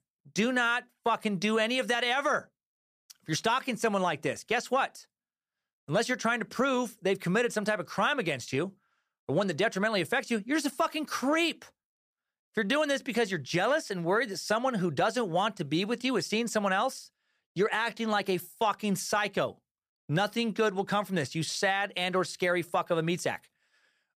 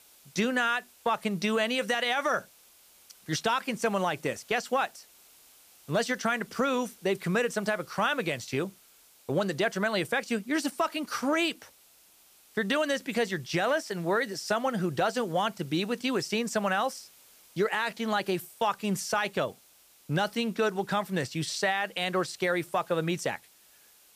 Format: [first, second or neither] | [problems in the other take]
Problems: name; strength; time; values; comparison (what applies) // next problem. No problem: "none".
first | hiss; faint; throughout; 25 dB below the speech